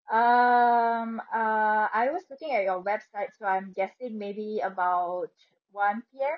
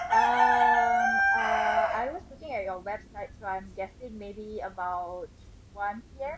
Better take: first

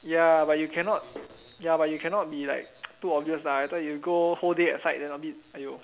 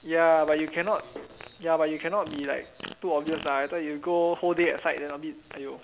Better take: first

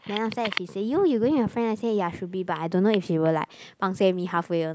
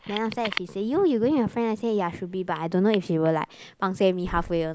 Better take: first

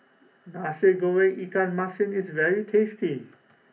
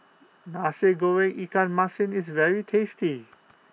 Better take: second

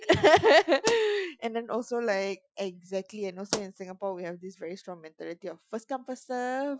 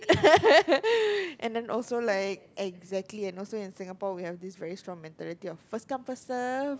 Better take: second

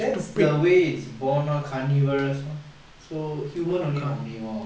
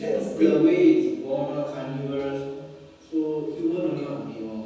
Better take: first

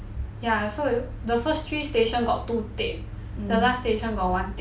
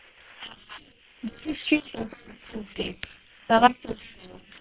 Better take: first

